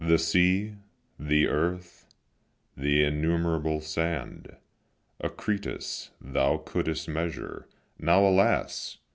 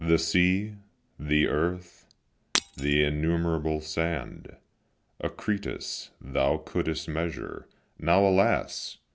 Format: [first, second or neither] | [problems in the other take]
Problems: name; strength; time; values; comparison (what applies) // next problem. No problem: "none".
first | background sound (Shatter); 4 dB below the speech